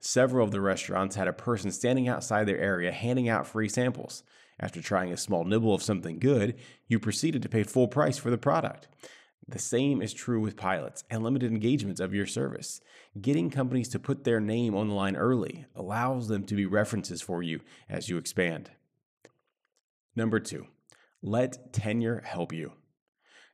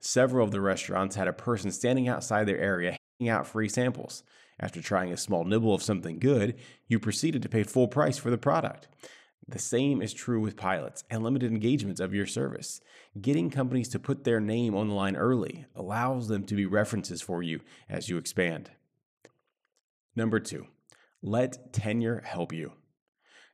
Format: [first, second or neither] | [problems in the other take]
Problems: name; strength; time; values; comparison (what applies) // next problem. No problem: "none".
first | audio cutting out; at 3 s